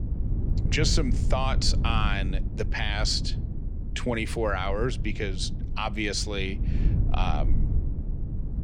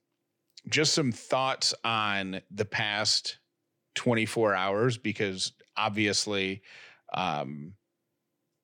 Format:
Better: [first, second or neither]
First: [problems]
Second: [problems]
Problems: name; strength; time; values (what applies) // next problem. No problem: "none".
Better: second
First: wind noise on the microphone; occasional gusts; 15 dB below the speech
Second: none